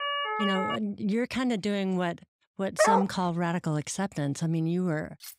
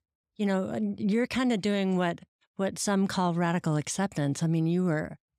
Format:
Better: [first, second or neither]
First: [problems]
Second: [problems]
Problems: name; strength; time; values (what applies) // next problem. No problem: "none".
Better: second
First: siren; loud; at the start; peak 1 dB above the speech // dog barking; loud; at 3 s; peak 6 dB above the speech // clattering dishes; faint; at 5 s; peak 15 dB below the speech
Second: none